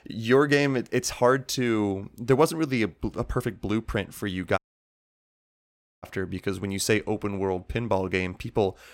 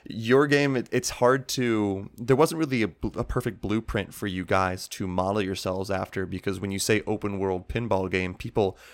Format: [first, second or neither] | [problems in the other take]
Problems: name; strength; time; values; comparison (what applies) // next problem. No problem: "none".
second | audio cutting out; at 4.5 s for 1.5 s